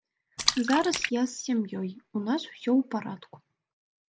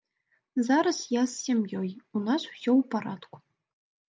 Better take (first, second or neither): second